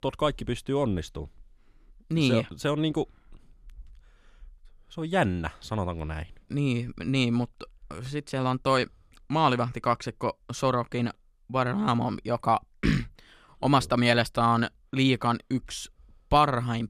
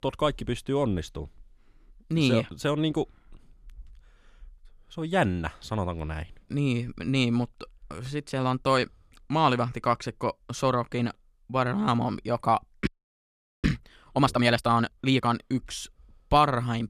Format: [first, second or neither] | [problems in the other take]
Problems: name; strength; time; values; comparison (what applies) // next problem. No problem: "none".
first | audio freezing; at 13 s for 1 s